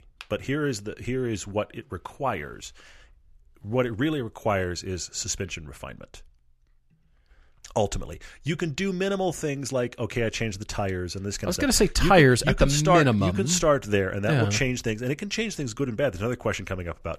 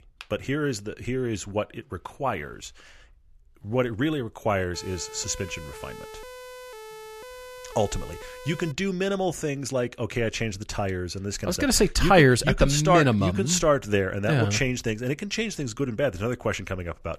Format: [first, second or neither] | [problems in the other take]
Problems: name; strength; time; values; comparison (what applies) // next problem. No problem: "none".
first | siren; faint; from 4.5 to 8.5 s; peak 15 dB below the speech